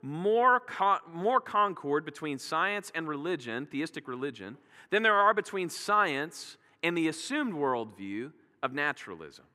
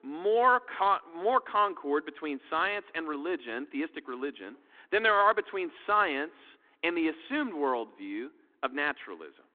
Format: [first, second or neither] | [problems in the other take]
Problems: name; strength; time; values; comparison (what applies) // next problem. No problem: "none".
first | phone-call audio